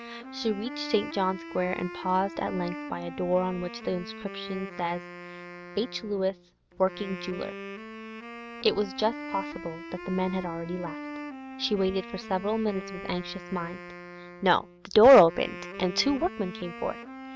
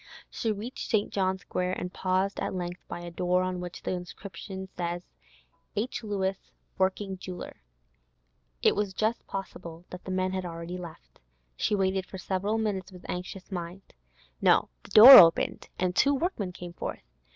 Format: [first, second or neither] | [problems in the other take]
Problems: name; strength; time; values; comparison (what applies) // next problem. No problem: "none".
second | background sound (Wind instrument, woodwind instrument); 12 dB below the speech